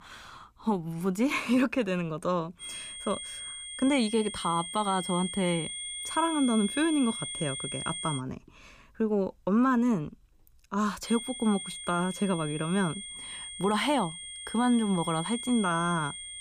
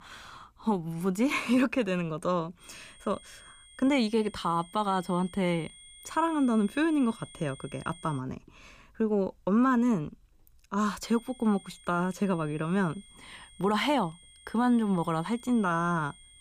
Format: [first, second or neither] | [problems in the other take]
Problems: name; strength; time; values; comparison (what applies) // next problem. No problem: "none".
second | high-pitched whine; loud; from 2.5 to 8 s and from 11 s on; 3.5 kHz, 7 dB below the speech; faint in the second